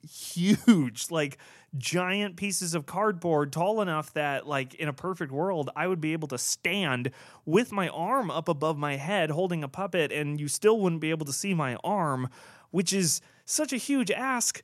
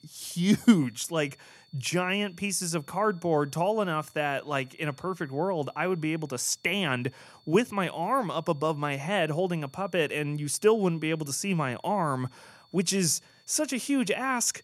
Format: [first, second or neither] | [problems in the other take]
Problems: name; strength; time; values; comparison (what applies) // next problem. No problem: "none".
first | high-pitched whine; faint; throughout; 4.5 kHz, 30 dB below the speech